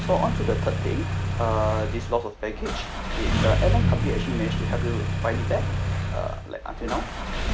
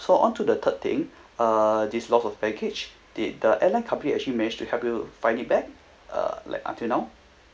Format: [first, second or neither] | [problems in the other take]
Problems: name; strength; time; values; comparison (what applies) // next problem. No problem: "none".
second | background sound (Engine starting); 4 dB above the speech